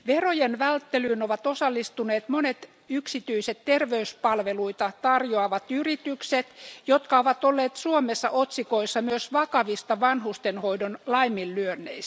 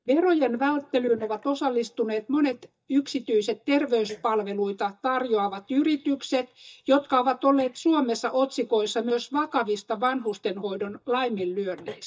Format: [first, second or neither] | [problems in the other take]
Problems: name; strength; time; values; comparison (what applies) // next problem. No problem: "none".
first | noise reduction (neural mask model DeepFilterNet 3)